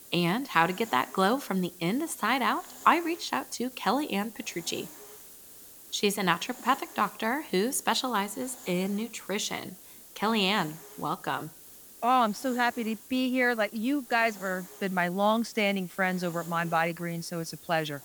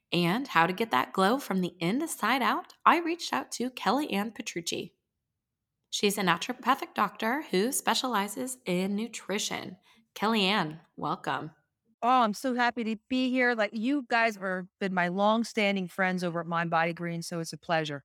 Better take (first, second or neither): second